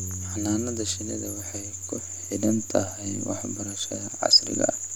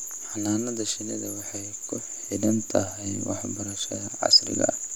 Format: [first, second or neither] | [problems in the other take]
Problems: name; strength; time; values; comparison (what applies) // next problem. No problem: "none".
second | background sound (Bass guitar); 14 dB below the speech